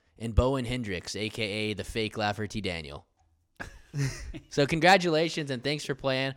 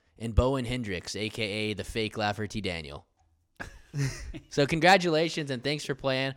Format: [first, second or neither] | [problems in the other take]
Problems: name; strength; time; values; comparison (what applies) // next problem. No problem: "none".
neither | none